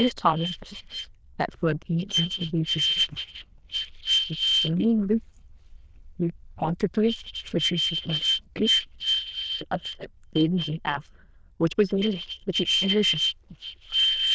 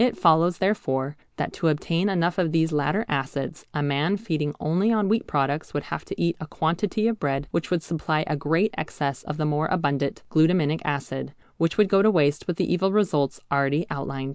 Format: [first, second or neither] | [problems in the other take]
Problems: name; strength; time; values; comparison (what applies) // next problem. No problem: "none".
second | noise reduction (neural diffusion model UNIVERSE++)